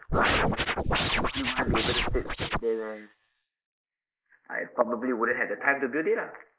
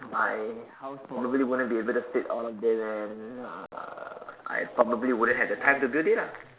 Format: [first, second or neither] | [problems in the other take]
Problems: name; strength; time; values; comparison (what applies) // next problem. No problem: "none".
second | noise reduction (neural mask model Resemble Enhance denoiser)